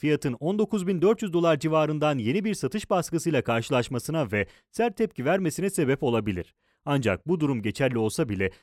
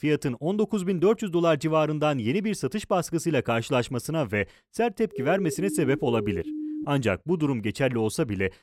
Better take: first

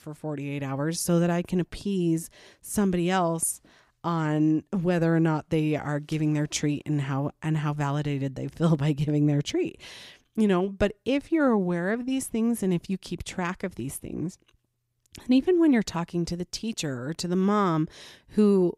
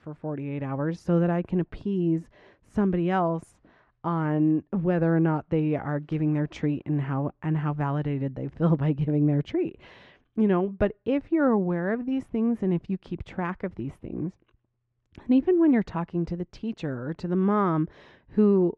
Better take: first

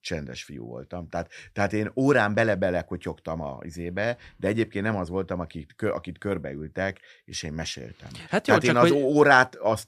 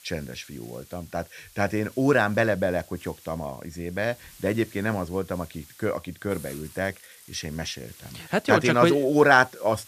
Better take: first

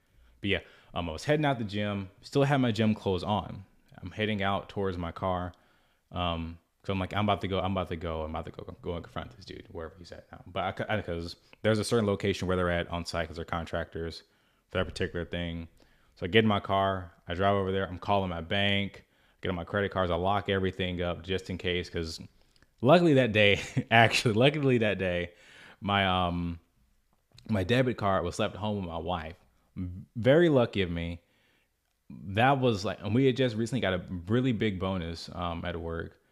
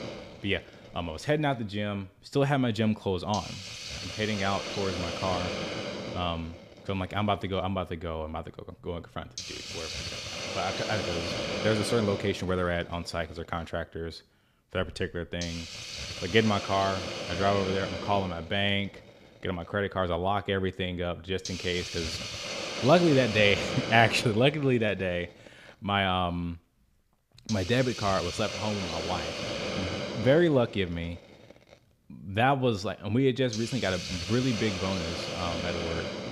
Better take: first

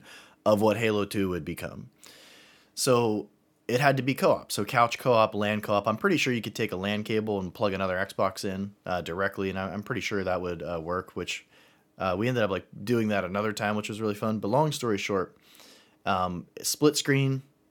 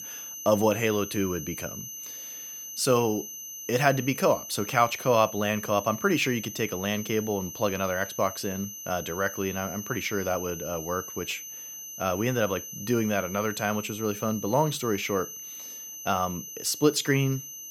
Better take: first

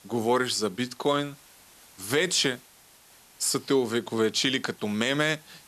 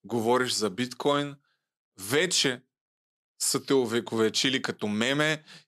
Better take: second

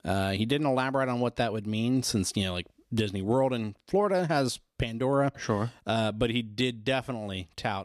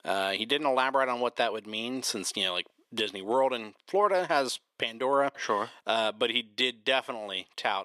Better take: first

